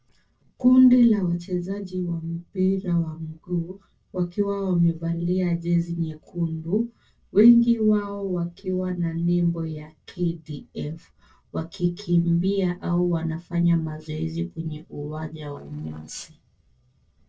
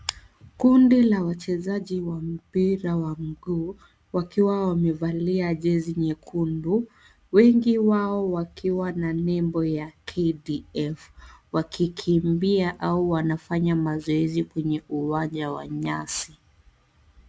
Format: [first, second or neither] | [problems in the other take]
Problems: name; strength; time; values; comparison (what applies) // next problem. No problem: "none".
second | noise reduction (neural separator model SepFormer DNS4)